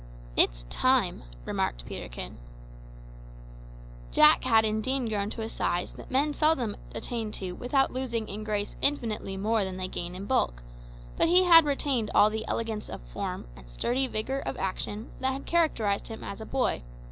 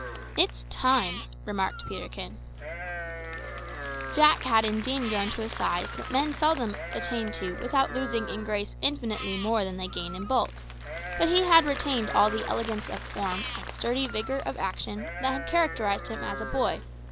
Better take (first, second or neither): first